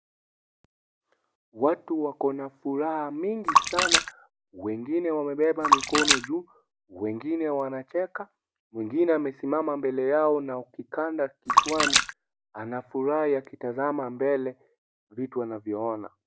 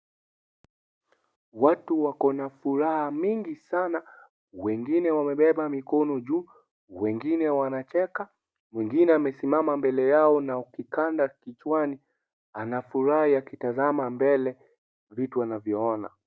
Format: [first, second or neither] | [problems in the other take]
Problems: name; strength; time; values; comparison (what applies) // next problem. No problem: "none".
second | background sound (Splash, splatter); 2 dB above the speech